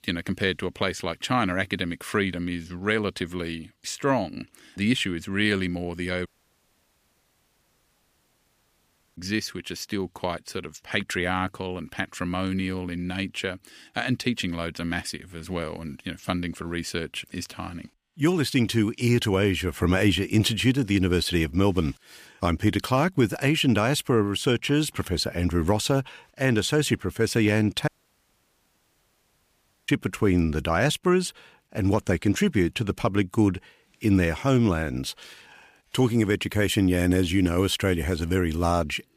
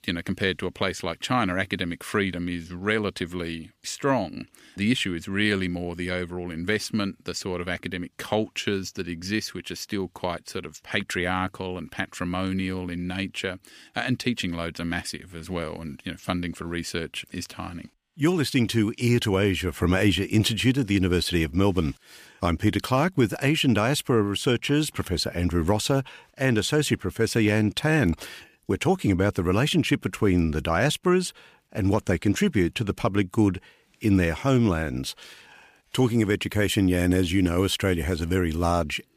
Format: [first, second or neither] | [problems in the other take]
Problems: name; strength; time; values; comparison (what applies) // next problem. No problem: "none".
second | audio cutting out; at 6.5 s for 3 s and at 28 s for 2 s